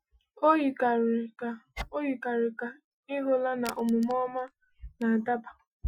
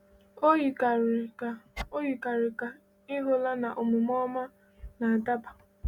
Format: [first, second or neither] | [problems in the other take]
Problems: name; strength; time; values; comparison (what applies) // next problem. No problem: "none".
second | noise reduction (classical method Wiener filter)